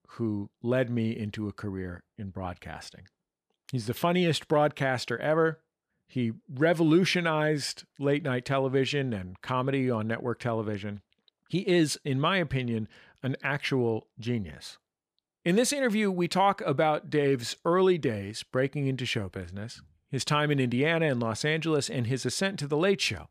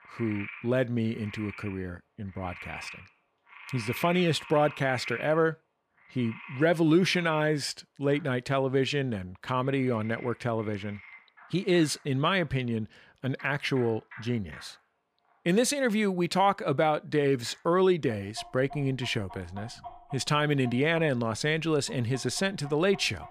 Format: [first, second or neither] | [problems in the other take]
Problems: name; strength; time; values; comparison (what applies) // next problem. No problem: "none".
first | animal sounds; noticeable; throughout; 15 dB below the speech